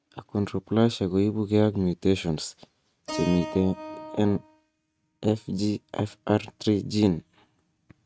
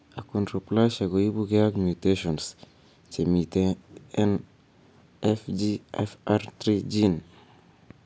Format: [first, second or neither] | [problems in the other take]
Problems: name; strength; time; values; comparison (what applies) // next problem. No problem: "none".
second | noise reduction (neural mask model RNNoise)